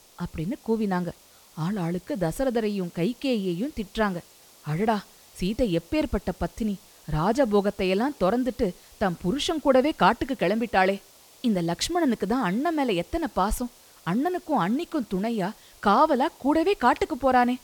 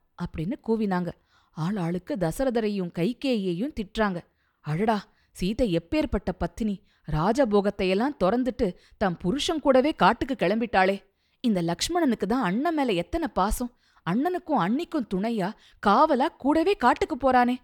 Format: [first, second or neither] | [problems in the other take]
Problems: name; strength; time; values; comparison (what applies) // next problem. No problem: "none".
second | hiss; faint; throughout; 25 dB below the speech